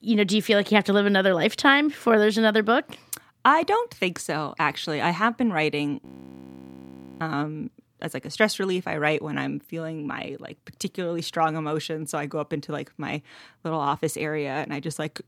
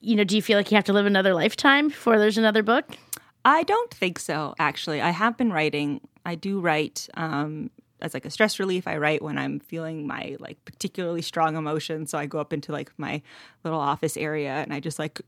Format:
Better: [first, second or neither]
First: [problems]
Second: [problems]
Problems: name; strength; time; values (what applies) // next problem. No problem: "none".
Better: second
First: audio freezing; at 6 s for 1 s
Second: none